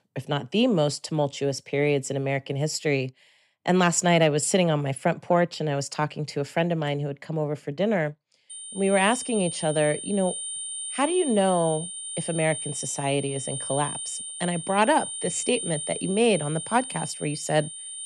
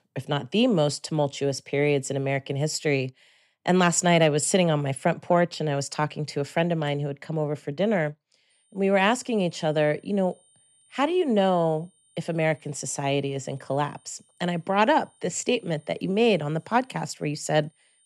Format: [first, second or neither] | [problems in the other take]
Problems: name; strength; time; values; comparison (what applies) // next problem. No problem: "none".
second | high-pitched whine; loud; from 8.5 s on; 9 kHz, 7 dB below the speech; faint in the second